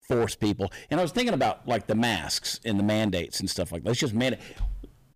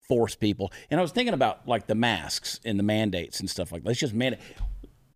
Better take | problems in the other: second | distortion; slight; 8% of the sound clipped

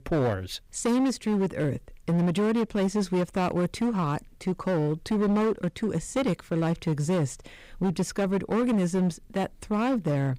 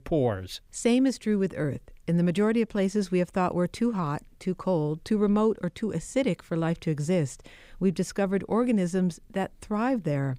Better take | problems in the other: second | distortion; slight; 16% of the sound clipped

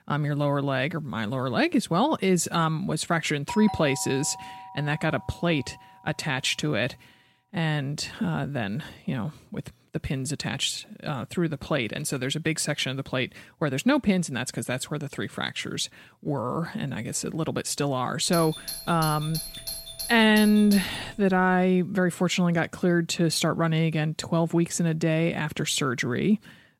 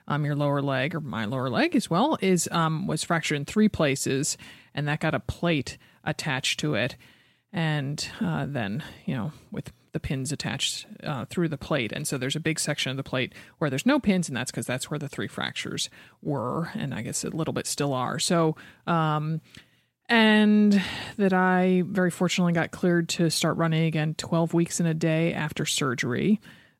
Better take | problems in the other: second | doorbell; noticeable; from 3.5 to 5.5 s and from 18 to 22 s; peak 7 dB below the speech

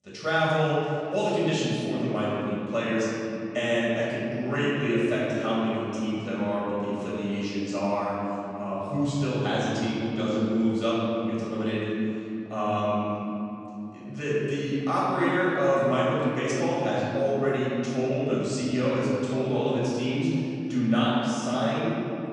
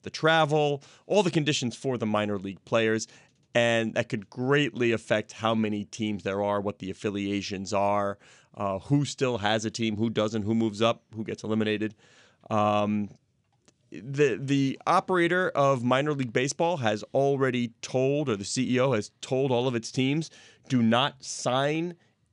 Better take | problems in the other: second | room echo; strong; dies away in 3 s // off-mic speech; far

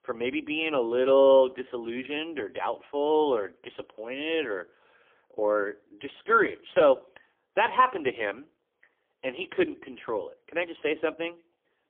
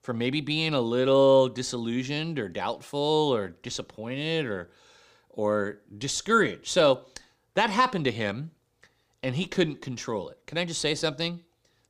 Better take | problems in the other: second | phone-call audio; poor line; nothing above 3.5 kHz

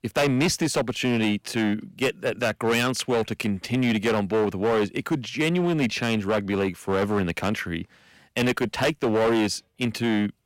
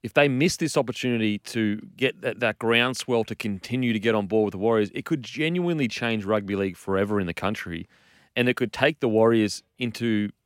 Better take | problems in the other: second | distortion; heavy; 12% of the sound clipped

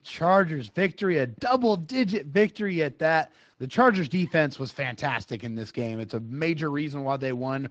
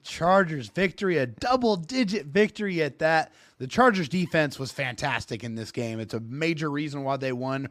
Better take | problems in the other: second | garbled, watery; slightly

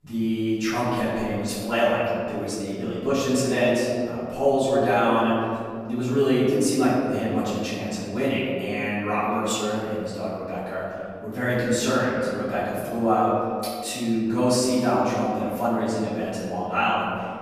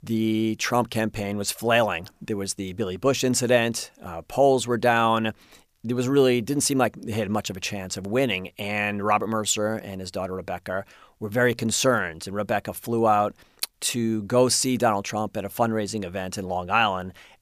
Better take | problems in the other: second | room echo; strong; dies away in 2.1 s // off-mic speech; far

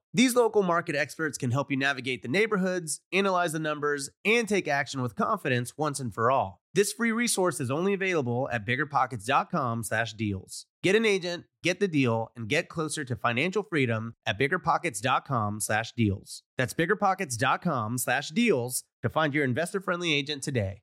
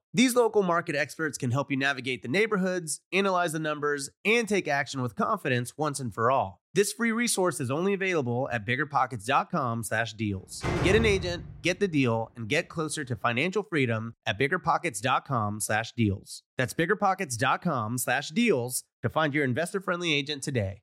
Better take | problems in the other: first | door banging; noticeable; at 11 s; peak 1 dB below the speech

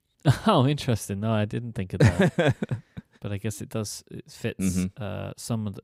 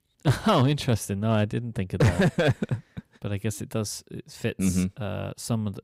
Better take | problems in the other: first | distortion; slight; 3% of the sound clipped

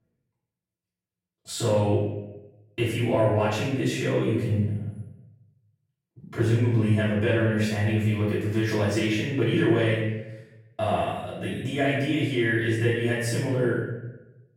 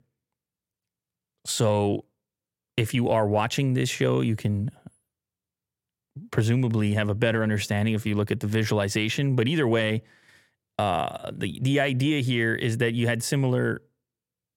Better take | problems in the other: second | off-mic speech; far // room echo; noticeable; dies away in 0.9 s

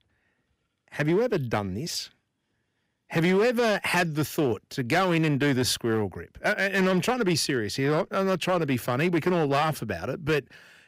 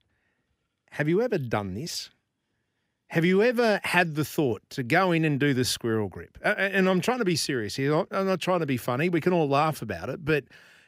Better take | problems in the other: second | distortion; slight; 7% of the sound clipped

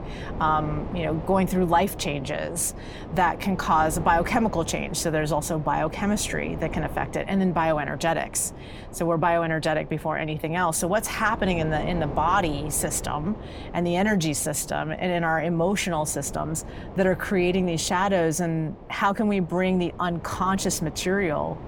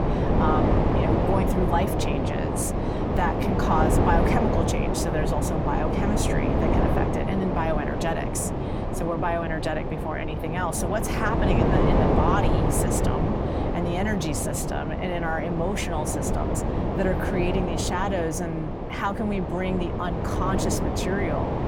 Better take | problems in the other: first | wind noise on the microphone; heavy; as loud as the speech; occasional gusts in the first

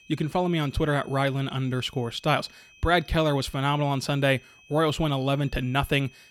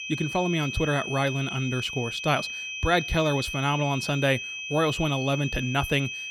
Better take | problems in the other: first | high-pitched whine; loud; throughout; 2.5 kHz, 6 dB below the speech; faint in the first

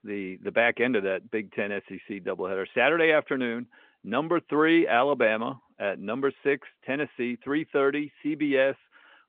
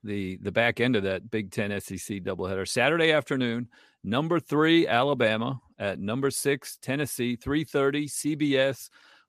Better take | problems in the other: second | phone-call audio; nothing above 3.5 kHz

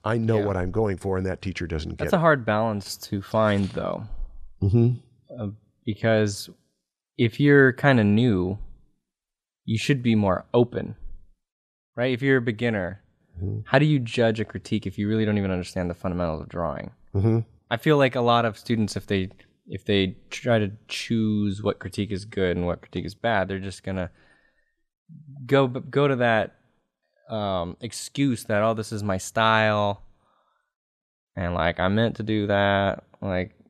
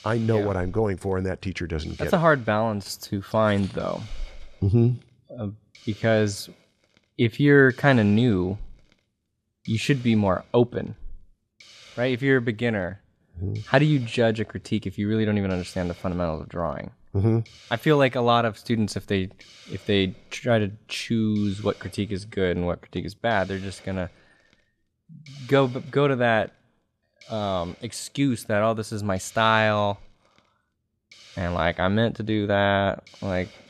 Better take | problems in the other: first | hiss; faint; throughout; 25 dB below the speech

